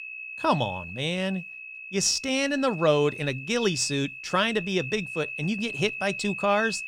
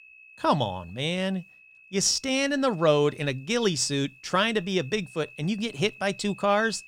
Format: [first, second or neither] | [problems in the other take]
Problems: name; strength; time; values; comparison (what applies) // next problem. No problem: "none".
second | high-pitched whine; loud; throughout; 2.5 kHz, 9 dB below the speech; faint in the second